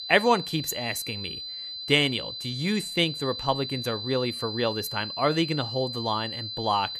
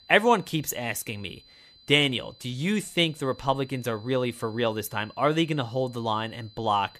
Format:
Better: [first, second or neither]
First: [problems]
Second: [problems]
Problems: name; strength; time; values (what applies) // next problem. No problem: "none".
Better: second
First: high-pitched whine; loud; throughout; 4 kHz, 6 dB below the speech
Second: high-pitched whine; faint; throughout; 4 kHz, 25 dB below the speech